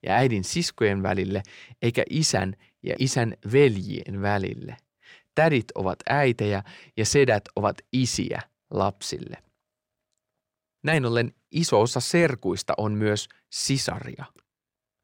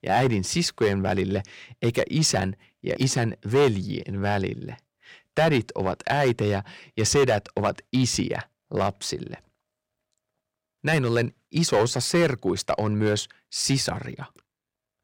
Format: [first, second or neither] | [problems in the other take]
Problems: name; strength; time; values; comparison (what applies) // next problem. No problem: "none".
first | distortion; slight; 3% of the sound clipped